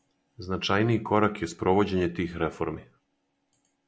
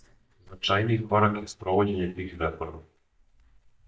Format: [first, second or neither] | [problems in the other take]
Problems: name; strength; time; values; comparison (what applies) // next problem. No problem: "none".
first | noise reduction (neural mask model DeepFilterNet 3)